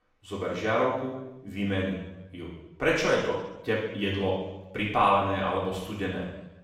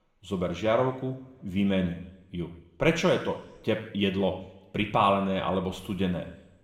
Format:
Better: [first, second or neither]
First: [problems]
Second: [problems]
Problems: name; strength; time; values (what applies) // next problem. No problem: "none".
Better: second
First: room echo; strong; dies away in 0.9 s // off-mic speech; far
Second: room echo; slight; dies away in 1 s